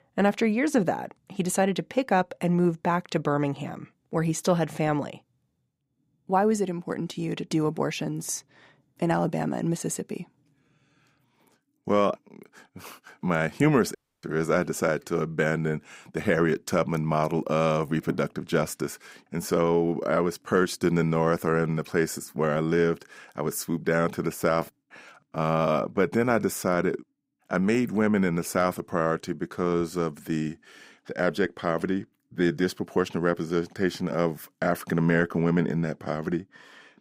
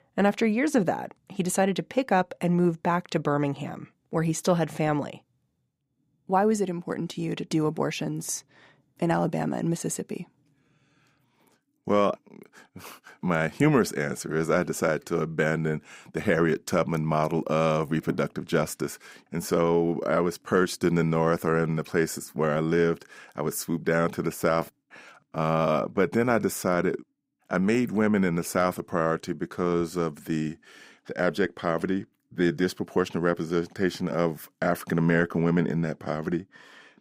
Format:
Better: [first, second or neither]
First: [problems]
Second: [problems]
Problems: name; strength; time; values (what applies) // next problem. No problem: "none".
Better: second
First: audio cutting out; at 14 s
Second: none